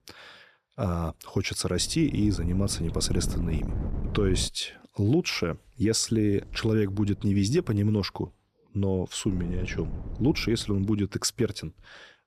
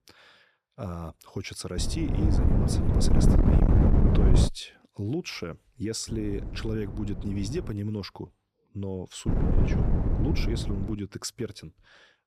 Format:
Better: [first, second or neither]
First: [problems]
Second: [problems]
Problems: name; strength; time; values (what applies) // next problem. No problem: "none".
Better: first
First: wind noise on the microphone; occasional gusts; from 2 to 4.5 s, from 6 to 7.5 s and from 9.5 to 11 s; 15 dB below the speech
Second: wind noise on the microphone; heavy; from 2 to 4.5 s, from 6 to 7.5 s and from 9.5 to 11 s; 3 dB above the speech